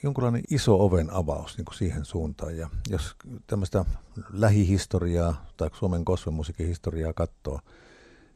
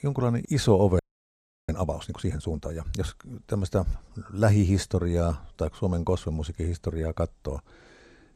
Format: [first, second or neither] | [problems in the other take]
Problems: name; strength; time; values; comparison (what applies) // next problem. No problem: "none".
first | audio freezing; at 1 s for 0.5 s